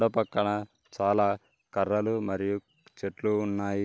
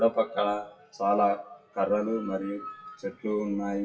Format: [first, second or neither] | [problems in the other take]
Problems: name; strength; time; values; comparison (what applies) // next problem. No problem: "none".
first | noise reduction (classical method WPE with log-MMSE)